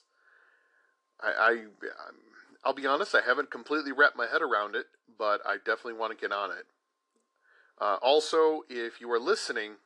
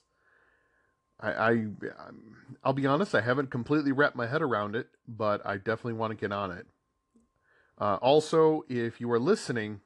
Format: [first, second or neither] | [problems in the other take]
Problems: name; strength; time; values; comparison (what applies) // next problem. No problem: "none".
second | thin; somewhat; fading below 350 Hz